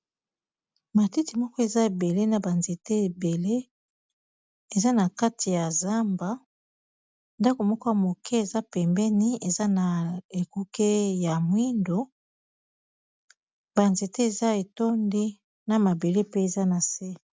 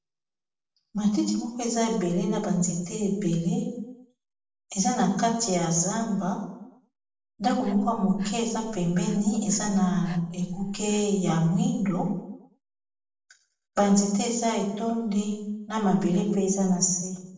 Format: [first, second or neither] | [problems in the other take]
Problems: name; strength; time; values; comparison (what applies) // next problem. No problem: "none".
first | noise reduction (neural separator model SepFormer DNS4)